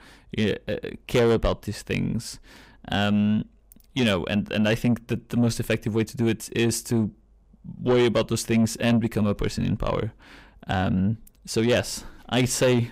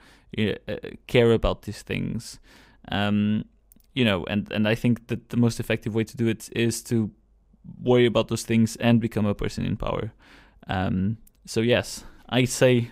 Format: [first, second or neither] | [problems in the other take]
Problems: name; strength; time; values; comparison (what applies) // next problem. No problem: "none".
second | distortion; slight; 10 dB below the speech